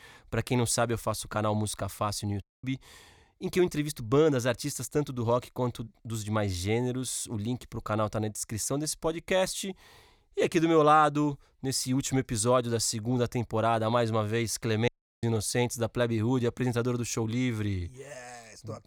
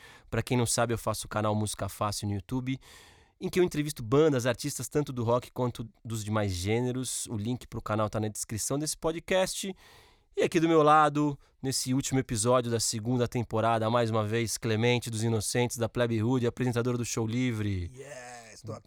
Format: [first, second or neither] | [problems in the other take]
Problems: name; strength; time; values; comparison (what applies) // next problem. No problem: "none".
second | audio cutting out; at 2.5 s and at 15 s